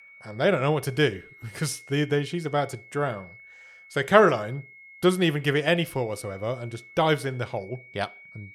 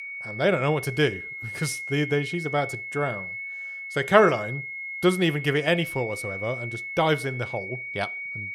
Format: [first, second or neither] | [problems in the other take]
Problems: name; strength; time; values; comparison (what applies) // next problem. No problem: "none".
first | high-pitched whine; loud; throughout; 2 kHz, 7 dB below the speech; faint in the first